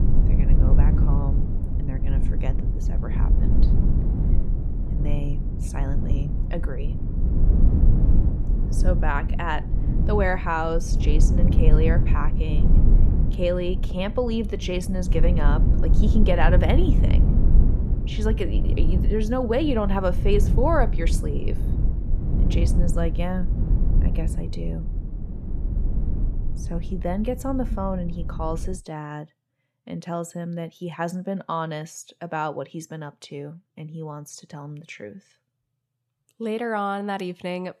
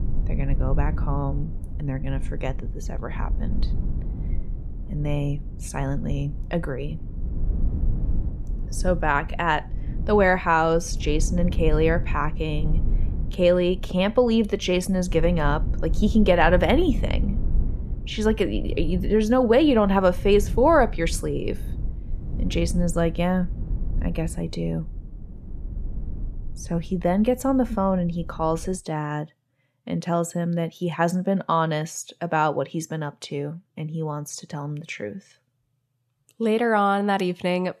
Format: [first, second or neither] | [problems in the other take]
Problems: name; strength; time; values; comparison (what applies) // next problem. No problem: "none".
second | low rumble; loud; until 29 s; 8 dB below the speech; faint in the second